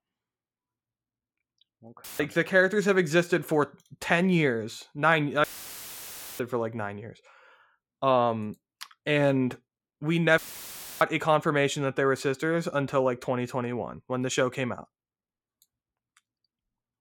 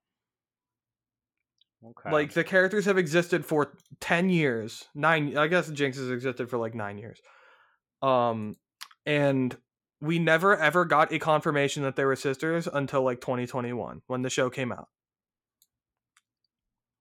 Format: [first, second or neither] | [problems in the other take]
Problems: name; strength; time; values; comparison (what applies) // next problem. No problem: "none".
second | audio cutting out; filled with static; at 2 s, at 5.5 s for 1 s and at 10 s for 0.5 s